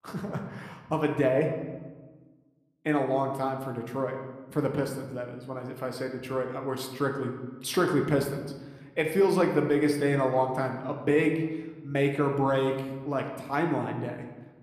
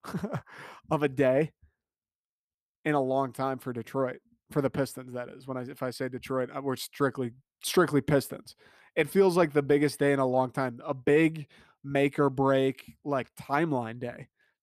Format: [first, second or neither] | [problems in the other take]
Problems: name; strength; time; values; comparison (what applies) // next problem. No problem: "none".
second | room echo; slight; dies away in 1 s